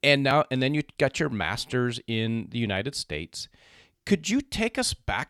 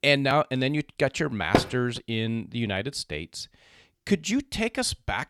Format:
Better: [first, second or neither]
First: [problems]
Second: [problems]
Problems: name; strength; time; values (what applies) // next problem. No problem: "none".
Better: first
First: none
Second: door banging; loud; at 1.5 s; peak 2 dB above the speech